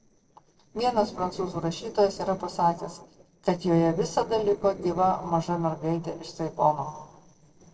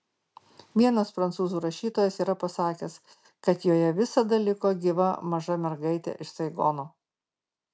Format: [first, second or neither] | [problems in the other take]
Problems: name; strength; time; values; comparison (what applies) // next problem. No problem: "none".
second | noise reduction (neural separator model SepFormer DNS4)